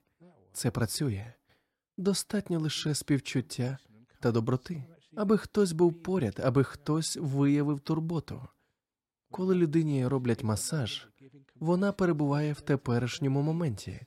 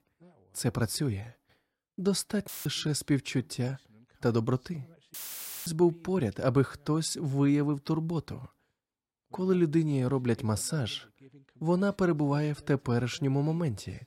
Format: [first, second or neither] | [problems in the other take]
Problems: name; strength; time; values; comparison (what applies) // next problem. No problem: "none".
first | audio cutting out; filled with static; at 2.5 s and at 5 s for 0.5 s